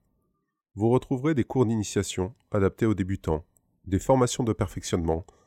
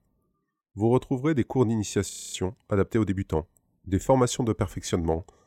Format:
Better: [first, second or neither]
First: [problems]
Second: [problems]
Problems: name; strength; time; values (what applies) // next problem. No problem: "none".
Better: first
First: none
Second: audio freezing; at 2 s